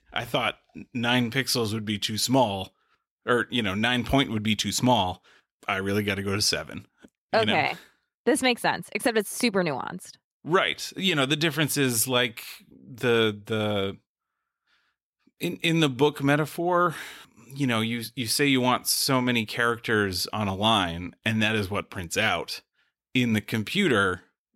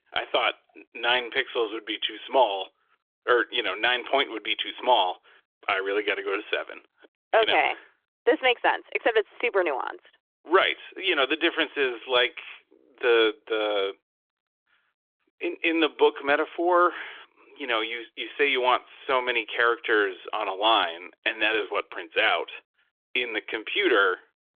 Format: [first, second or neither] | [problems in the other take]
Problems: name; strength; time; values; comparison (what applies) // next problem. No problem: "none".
first | phone-call audio; nothing above 3.5 kHz